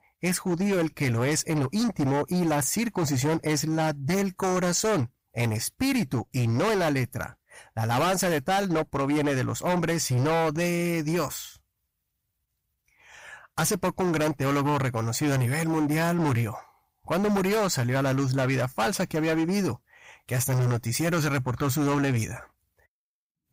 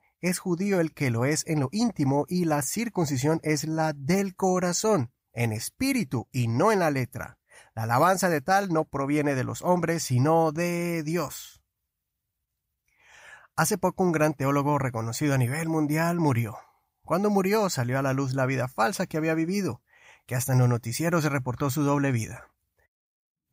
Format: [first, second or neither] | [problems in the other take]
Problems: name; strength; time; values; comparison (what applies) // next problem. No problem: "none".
second | distortion; heavy; 19% of the sound clipped